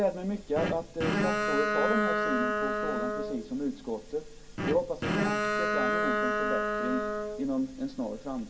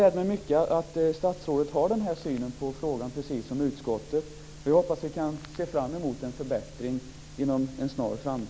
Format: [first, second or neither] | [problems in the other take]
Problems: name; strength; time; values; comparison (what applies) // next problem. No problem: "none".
second | background sound (Bowed string instrument); 2 dB above the speech // room echo; dies away in 0.2 s